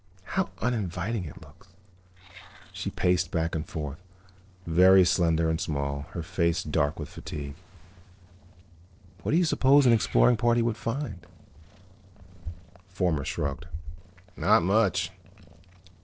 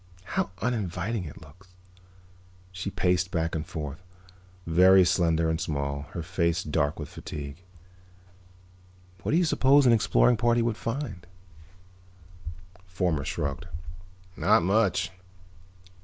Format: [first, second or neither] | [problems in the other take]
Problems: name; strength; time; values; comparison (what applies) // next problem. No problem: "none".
second | noise reduction (neural separator model SepFormer DNS4)